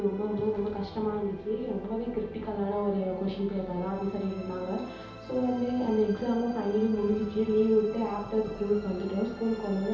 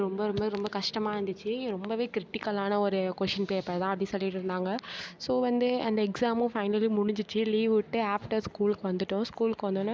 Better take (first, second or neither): second